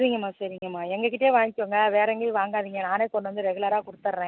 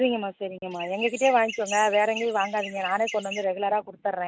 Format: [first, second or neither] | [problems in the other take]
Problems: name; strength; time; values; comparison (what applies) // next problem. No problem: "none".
first | noise reduction (neural mask model RNNoise)